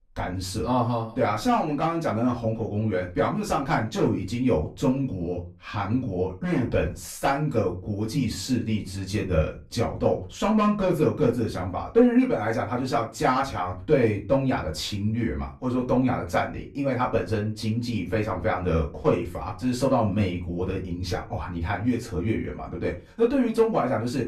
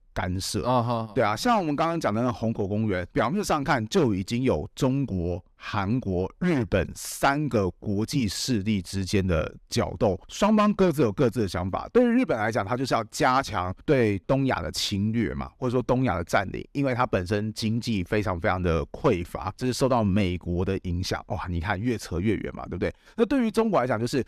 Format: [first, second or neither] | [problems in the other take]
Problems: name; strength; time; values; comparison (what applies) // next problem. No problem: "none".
second | off-mic speech; far // room echo; very slight; dies away in 0.3 s